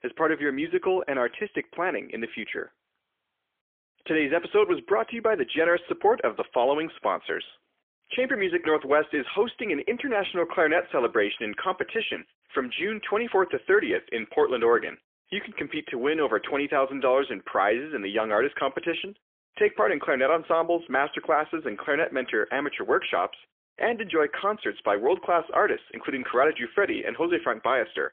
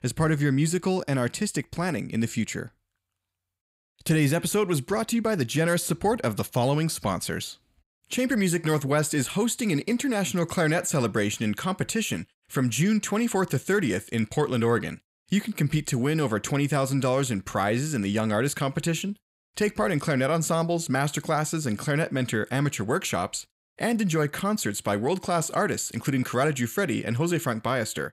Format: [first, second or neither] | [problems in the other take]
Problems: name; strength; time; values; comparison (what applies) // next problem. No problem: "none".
second | phone-call audio; poor line; nothing above 3.5 kHz